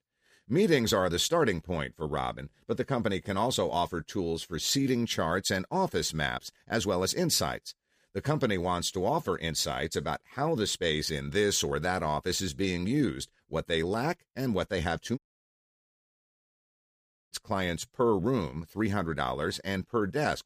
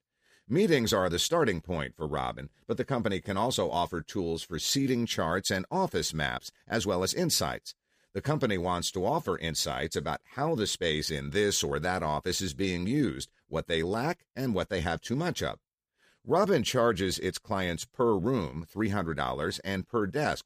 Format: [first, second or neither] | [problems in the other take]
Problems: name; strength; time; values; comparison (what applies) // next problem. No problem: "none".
second | audio cutting out; at 15 s for 2 s